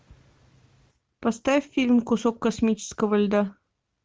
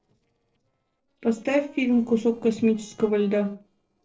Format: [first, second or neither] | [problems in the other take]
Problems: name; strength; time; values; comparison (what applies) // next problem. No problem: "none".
first | noise reduction (neural separator model SepFormer DNS4)